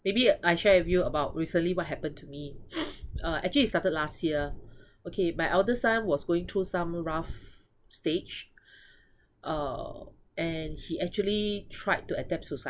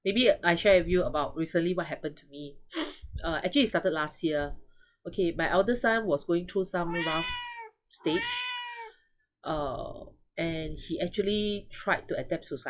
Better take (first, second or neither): first